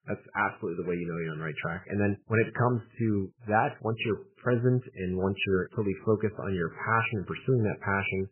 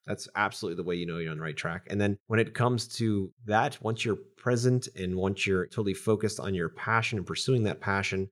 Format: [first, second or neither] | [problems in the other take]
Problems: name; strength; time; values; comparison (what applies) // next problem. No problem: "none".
second | garbled, watery; badly; nothing above 3 kHz